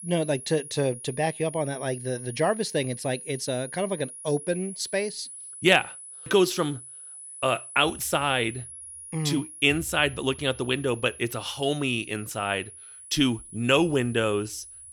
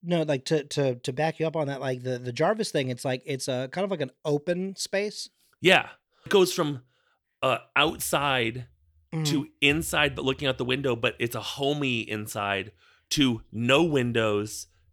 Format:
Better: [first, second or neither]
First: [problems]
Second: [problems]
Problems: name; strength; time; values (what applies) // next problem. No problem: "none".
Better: second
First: high-pitched whine; noticeable; throughout; 10.5 kHz, 15 dB below the speech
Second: none